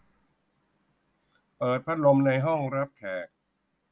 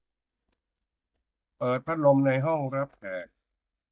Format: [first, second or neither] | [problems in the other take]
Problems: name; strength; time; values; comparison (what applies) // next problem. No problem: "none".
first | noise reduction (neural mask model DeepFilterNet 3)